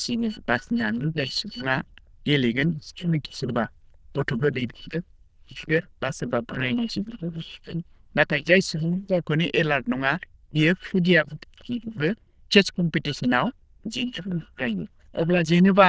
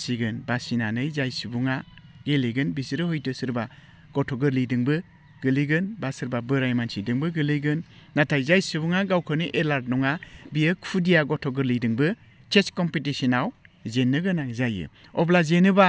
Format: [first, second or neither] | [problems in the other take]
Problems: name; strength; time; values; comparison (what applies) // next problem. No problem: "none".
second | noise reduction (neural diffusion model UNIVERSE++)